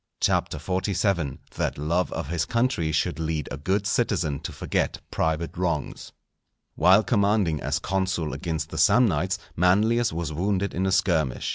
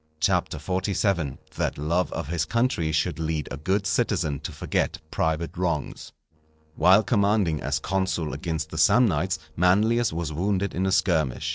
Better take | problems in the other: first | noise reduction (neural separator model SepFormer DNS4)

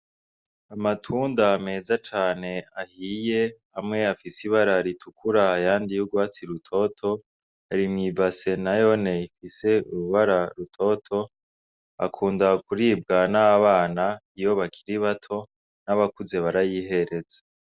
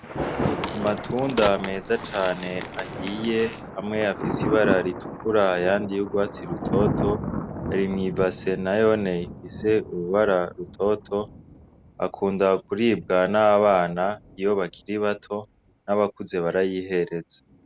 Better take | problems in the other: first | background sound (Crack + Thunder); 8 dB below the speech

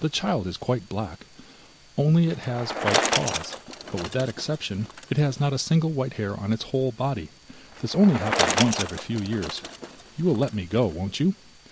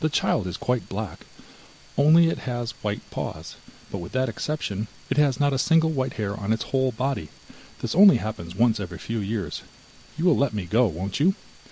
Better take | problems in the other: second | background sound (Bicycle); 7 dB below the speech

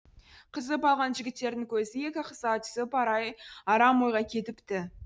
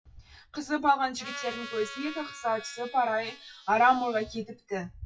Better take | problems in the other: first | noise reduction (classical method WPE with log-MMSE)

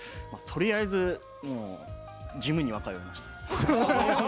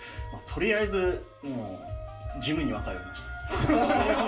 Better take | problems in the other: first | room echo; dies away in 0.3 s

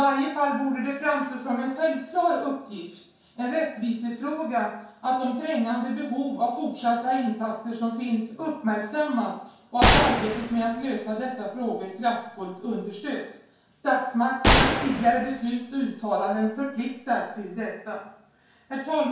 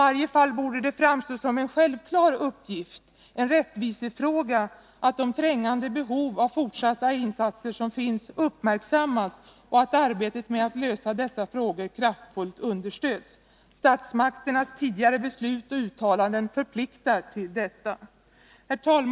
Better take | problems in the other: second | background sound (Gunshot, gunfire); as loud as the speech // room echo; dies away in 0.5 s

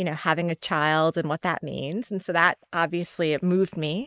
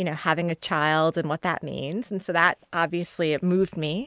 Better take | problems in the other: second | noise reduction (neural mask model Resemble Enhance denoiser)

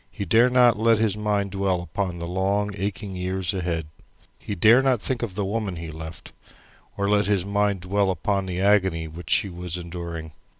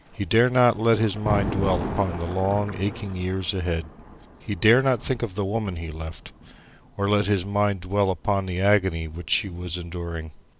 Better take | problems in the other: first | background sound (Thunder); 12 dB below the speech

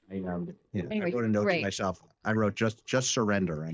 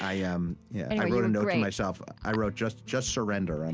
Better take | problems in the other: second | noise reduction (neural mask model DeepFilterNet 3)

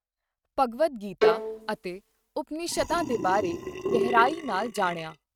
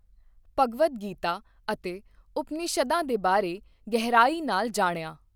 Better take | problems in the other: second | noise reduction (neural mask model RNNoise)

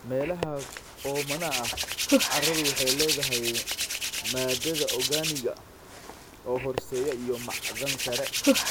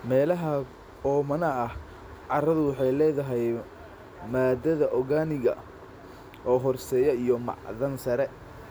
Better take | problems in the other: second | background sound (Hands); 3 dB above the speech

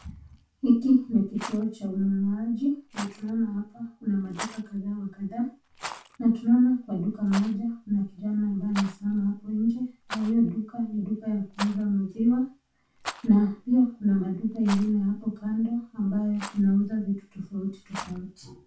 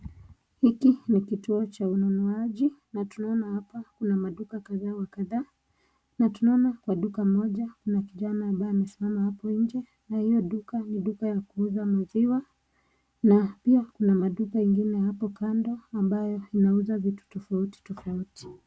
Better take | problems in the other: second | background sound (Rattle); 18 dB below the speech // room echo; dies away in 0.3 s

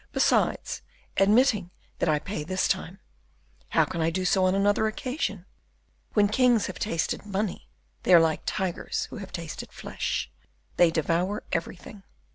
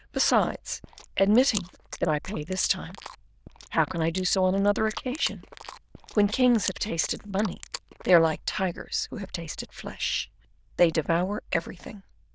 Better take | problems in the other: first | noise reduction (neural diffusion model UNIVERSE++)

